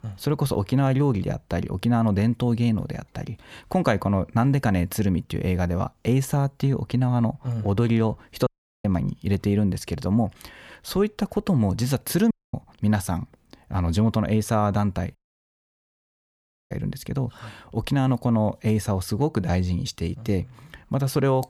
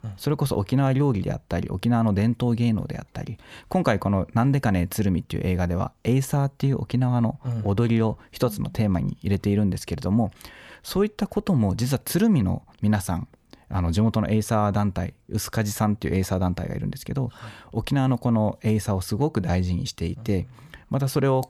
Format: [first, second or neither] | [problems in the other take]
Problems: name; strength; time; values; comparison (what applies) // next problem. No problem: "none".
second | audio cutting out; at 8.5 s, at 12 s and at 15 s for 1.5 s